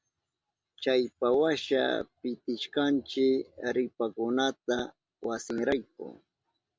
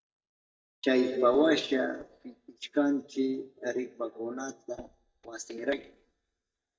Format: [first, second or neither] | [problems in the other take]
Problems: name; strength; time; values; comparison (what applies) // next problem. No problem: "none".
first | noise reduction (neural mask model DeepFilterNet 3)